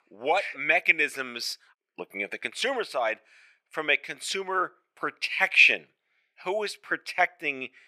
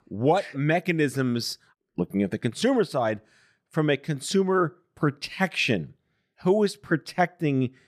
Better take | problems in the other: second | thin; very; fading below 700 Hz

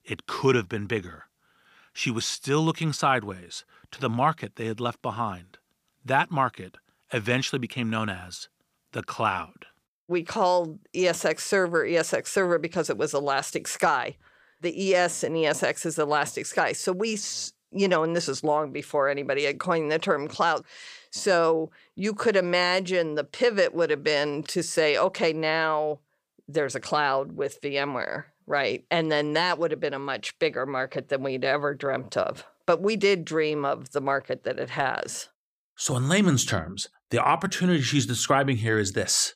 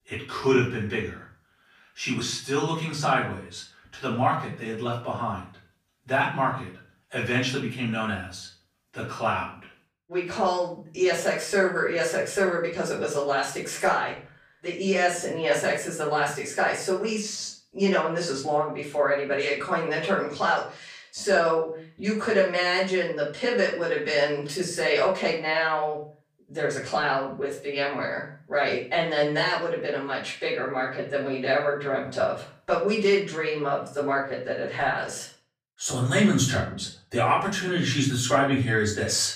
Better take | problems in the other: first | off-mic speech; far // room echo; slight; dies away in 0.4 s

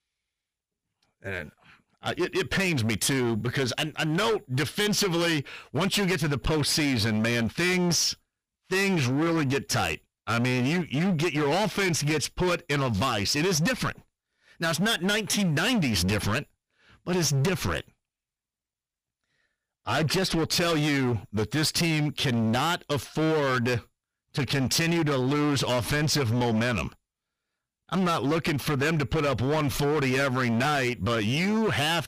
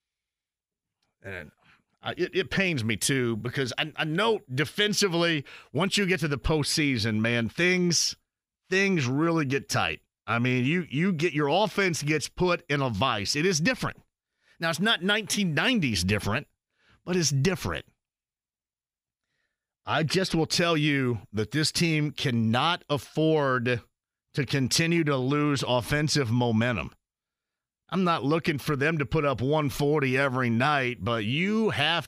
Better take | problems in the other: second | distortion; heavy; 22% of the sound clipped

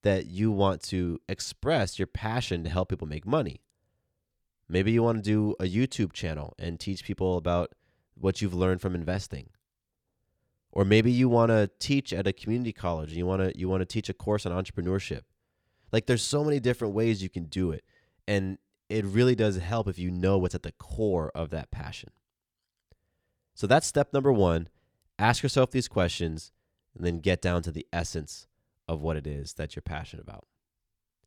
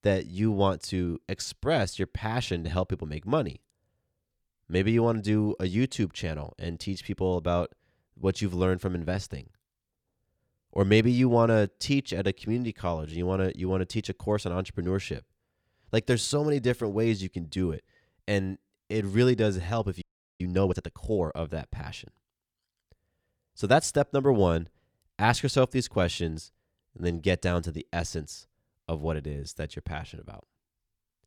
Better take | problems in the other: first | audio freezing; at 20 s

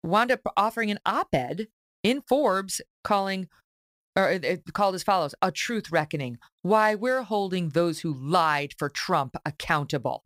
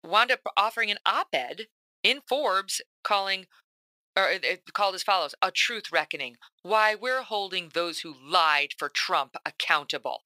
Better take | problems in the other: first | thin; very; fading below 500 Hz

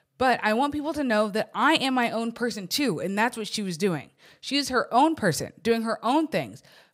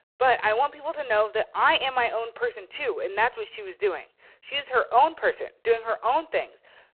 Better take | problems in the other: first | phone-call audio; poor line; nothing above 4 kHz

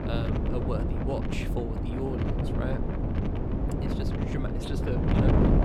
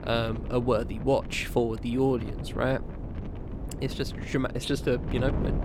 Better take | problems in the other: second | wind noise on the microphone; heavy; 3 dB above the speech; occasional gusts in the second

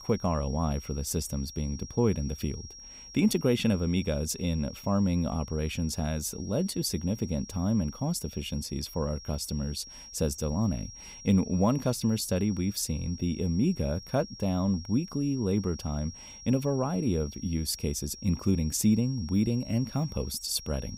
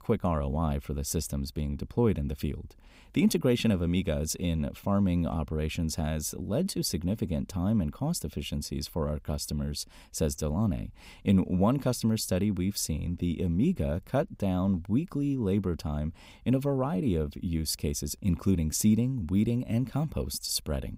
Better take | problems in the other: second | high-pitched whine; noticeable; throughout; 5.5 kHz, 15 dB below the speech

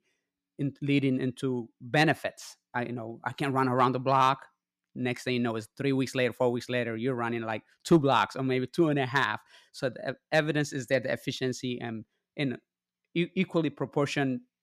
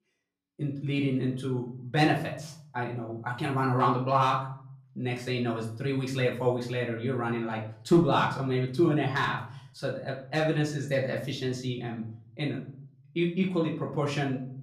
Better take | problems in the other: first | off-mic speech; far // room echo; slight; dies away in 0.6 s

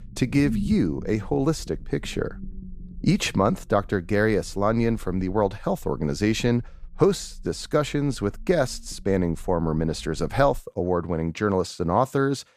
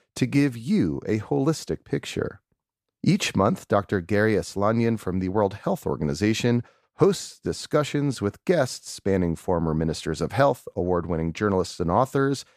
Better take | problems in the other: second | low rumble; noticeable; until 11 s; 20 dB below the speech

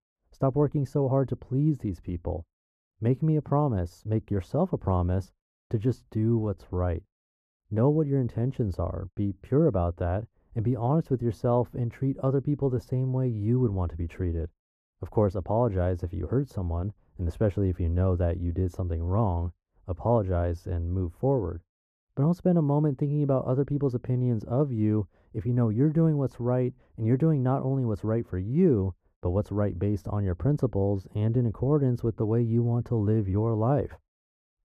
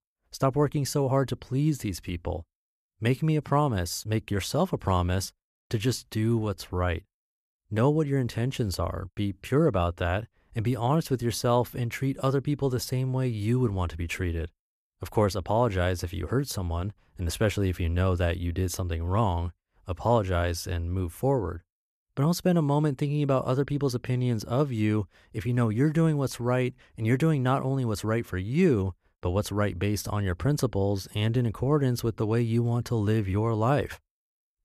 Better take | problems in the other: second | muffled; very; fading above 1.5 kHz

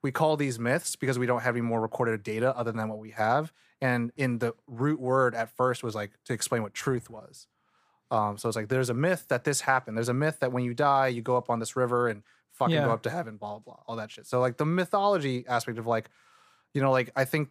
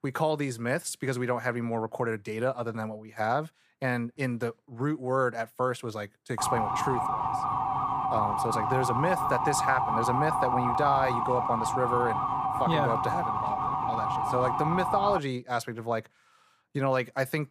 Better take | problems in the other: first | siren; loud; from 6.5 to 15 s; peak 3 dB above the speech

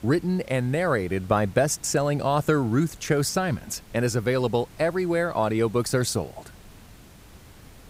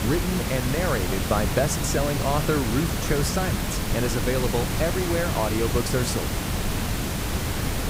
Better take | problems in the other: first | hiss; loud; throughout; as loud as the speech; faint in the first

